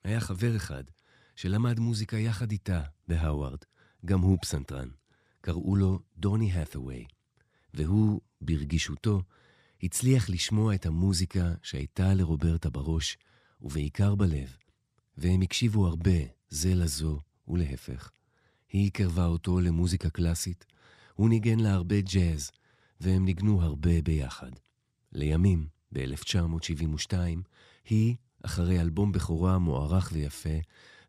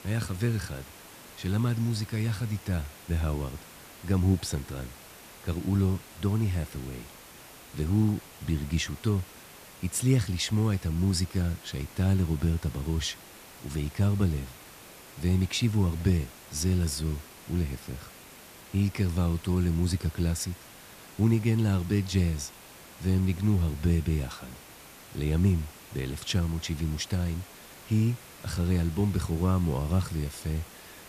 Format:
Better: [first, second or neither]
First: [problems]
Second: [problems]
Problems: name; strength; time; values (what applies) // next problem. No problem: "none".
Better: first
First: none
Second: hiss; noticeable; throughout; 20 dB below the speech